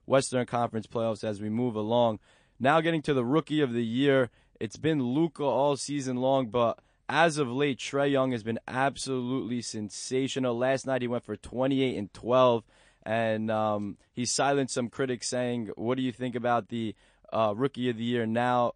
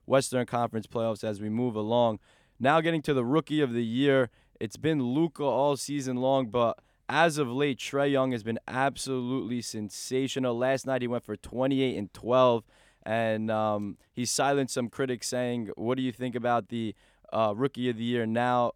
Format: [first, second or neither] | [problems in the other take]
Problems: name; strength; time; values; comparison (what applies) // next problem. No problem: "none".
second | garbled, watery; slightly; nothing above 9.5 kHz